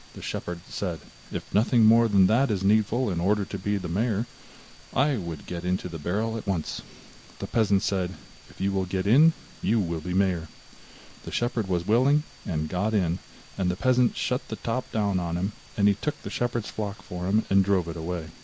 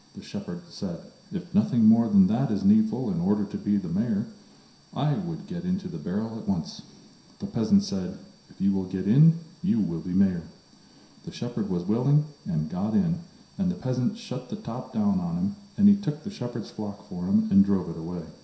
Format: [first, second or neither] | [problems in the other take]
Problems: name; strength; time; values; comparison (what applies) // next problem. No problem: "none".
first | room echo; dies away in 0.7 s